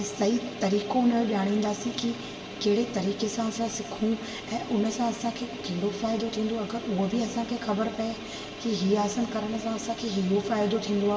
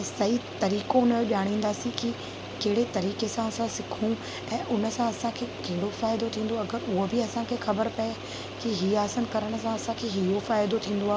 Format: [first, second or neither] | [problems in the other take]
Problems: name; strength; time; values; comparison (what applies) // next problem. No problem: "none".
second | room echo; dies away in 1.1 s